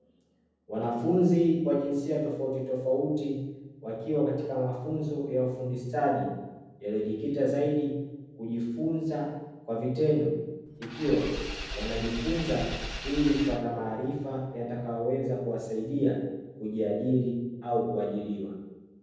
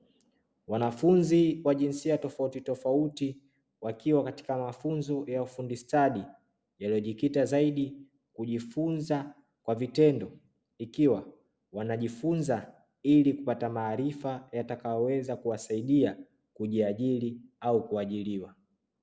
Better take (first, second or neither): second